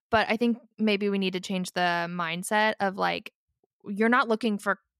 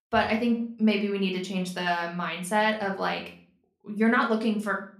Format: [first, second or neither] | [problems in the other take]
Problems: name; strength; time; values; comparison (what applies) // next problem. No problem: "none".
first | room echo; slight; dies away in 0.4 s // off-mic speech; somewhat distant